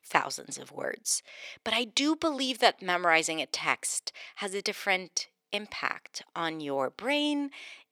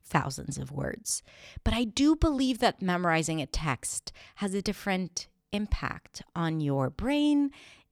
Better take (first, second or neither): second